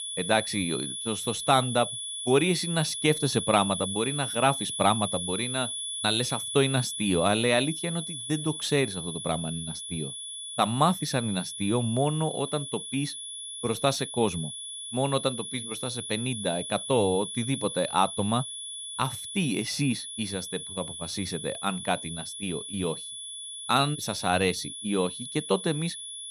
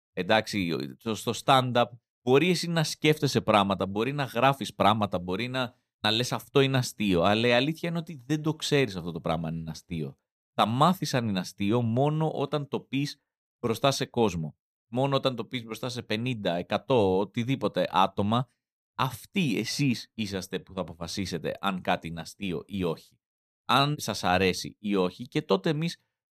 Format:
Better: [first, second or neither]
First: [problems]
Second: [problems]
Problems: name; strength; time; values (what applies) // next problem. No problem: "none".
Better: second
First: high-pitched whine; loud; throughout; 3.5 kHz, 6 dB below the speech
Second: none